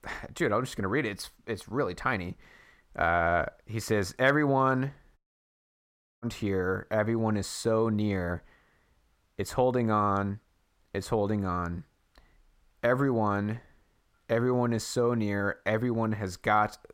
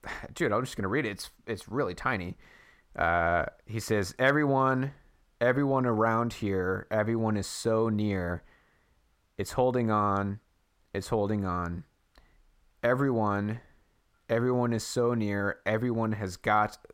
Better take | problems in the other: second | audio cutting out; at 5 s for 1 s

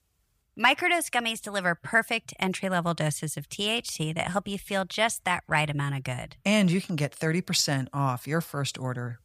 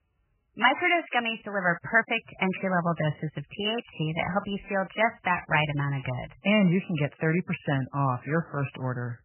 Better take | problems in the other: first | garbled, watery; badly; nothing above 3 kHz

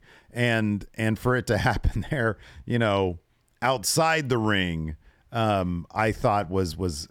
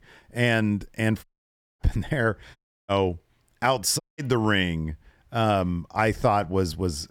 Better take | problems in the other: first | audio cutting out; at 1 s for 0.5 s, at 2.5 s and at 4 s

